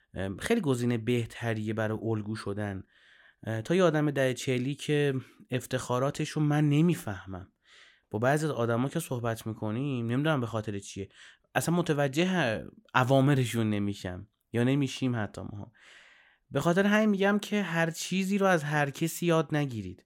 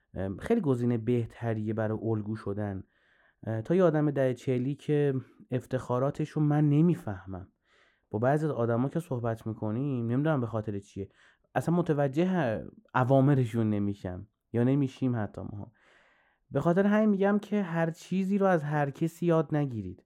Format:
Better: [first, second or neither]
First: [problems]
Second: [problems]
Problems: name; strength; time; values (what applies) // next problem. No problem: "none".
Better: first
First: none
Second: muffled; slightly; fading above 1.5 kHz